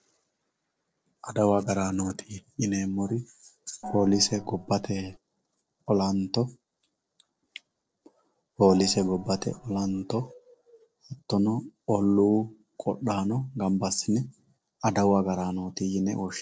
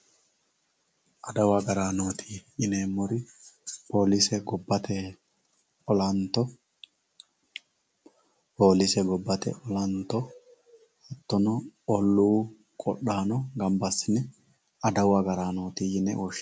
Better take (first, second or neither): second